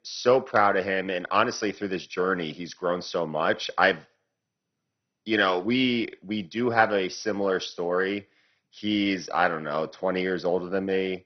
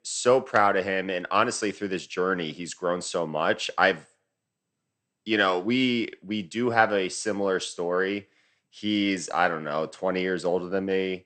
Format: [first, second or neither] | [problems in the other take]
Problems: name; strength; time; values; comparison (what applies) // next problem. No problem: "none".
second | garbled, watery; badly; nothing above 6 kHz; slightly in the second